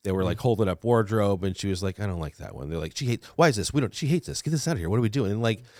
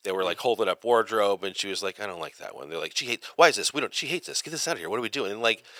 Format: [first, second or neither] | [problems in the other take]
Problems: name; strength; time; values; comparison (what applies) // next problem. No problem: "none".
first | thin; very; fading below 550 Hz